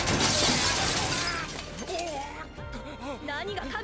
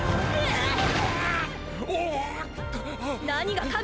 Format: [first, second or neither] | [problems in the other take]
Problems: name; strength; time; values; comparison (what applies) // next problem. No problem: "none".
second | background sound (Shatter); 1 dB above the speech